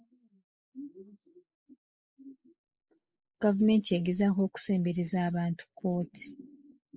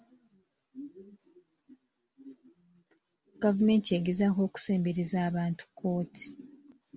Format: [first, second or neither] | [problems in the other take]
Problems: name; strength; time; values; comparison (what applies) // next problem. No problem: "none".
second | noise reduction (neural mask model Resemble Enhance denoiser)